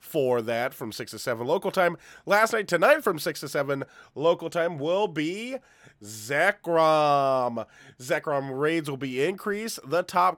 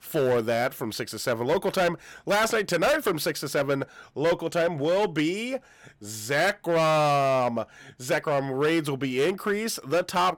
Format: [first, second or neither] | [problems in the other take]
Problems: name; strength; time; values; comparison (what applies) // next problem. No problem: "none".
first | distortion; heavy; 11% of the sound clipped